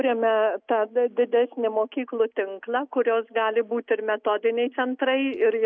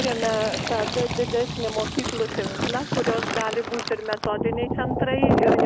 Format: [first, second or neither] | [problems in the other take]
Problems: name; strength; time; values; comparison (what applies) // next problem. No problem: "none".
first | background sound (Fill (with liquid)); 1 dB above the speech